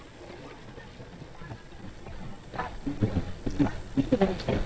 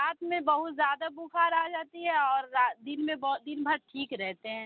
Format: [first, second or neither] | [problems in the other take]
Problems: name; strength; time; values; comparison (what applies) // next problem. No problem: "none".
second | noise reduction (neural mask model DeepFilterNet 3)